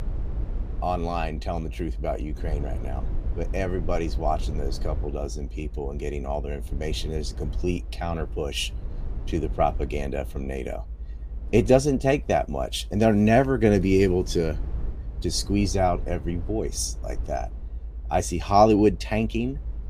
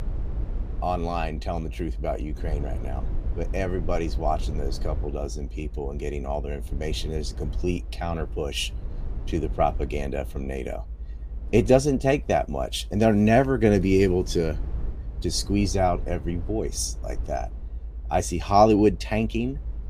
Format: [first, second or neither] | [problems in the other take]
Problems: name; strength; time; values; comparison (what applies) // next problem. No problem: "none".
neither | low rumble; faint; throughout; 25 dB below the speech; the same in both